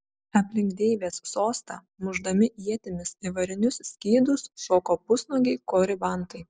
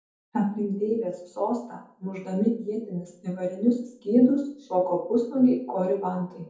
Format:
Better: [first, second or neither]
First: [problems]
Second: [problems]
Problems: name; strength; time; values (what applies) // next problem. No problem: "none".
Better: first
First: none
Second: room echo; dies away in 0.6 s